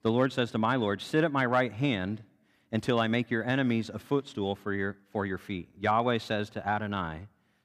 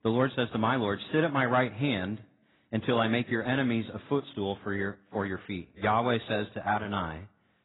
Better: first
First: none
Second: garbled, watery; badly; nothing above 4 kHz

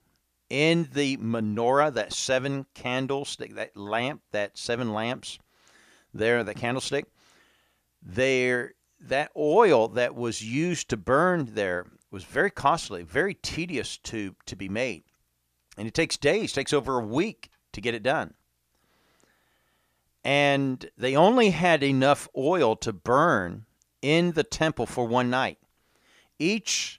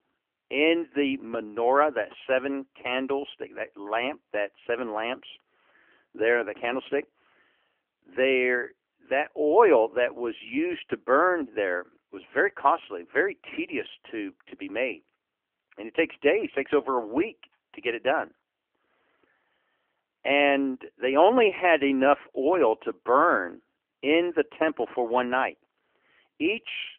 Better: first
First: none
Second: phone-call audio; nothing above 3 kHz

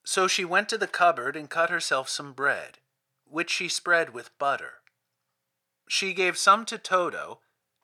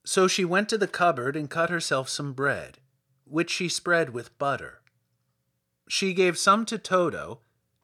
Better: second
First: thin; somewhat; fading below 1 kHz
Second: none

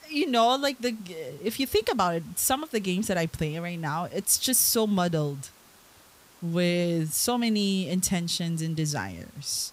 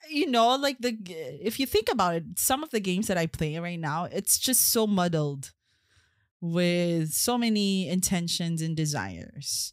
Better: second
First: hiss; faint; throughout; 25 dB below the speech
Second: none

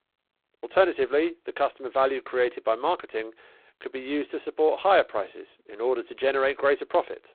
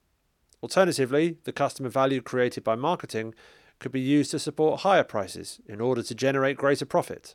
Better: second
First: phone-call audio; poor line; nothing above 4 kHz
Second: none

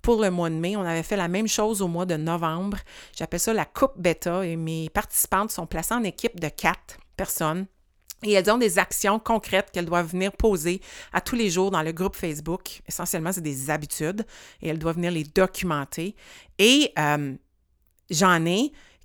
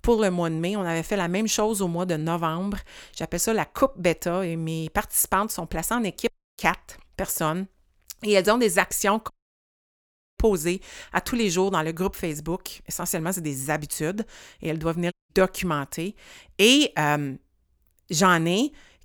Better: first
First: none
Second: audio cutting out; at 6.5 s, at 9.5 s for 1 s and at 15 s

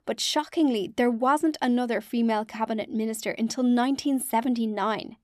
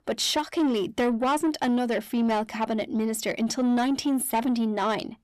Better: first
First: none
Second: distortion; slight; 10 dB below the speech

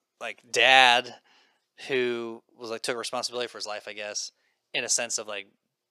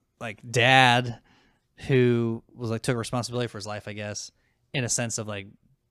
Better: second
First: thin; very; fading below 500 Hz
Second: none

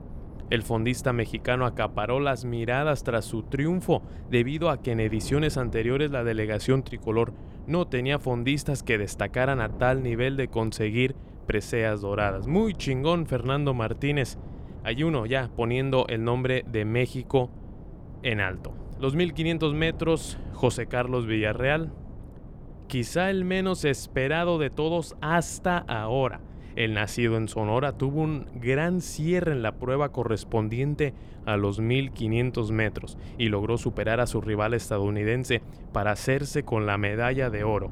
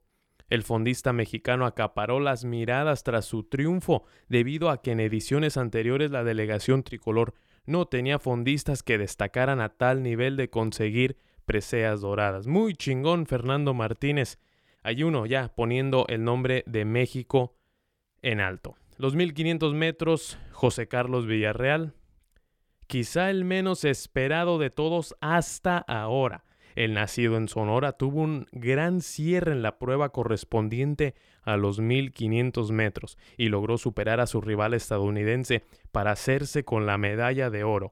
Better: second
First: wind noise on the microphone; occasional gusts; 20 dB below the speech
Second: none

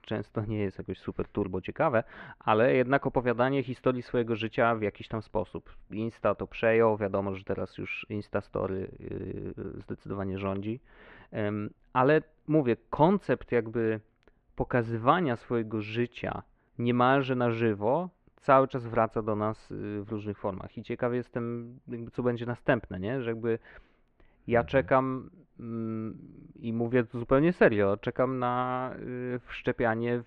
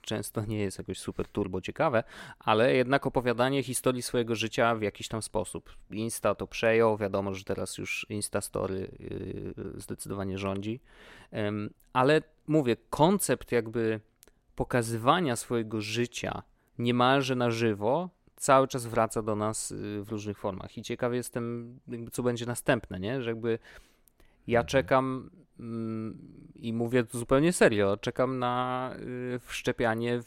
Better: second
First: muffled; very; fading above 2.5 kHz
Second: none

